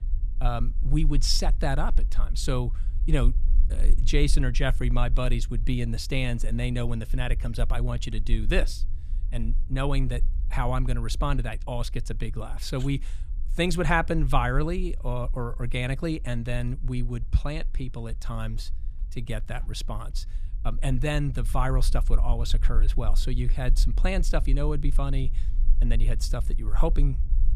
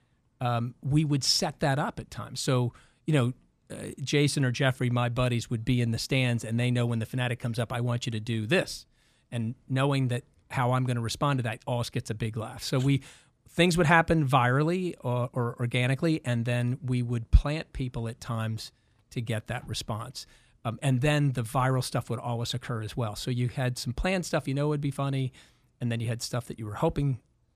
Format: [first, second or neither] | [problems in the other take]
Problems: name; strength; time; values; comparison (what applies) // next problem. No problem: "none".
second | low rumble; faint; throughout; 20 dB below the speech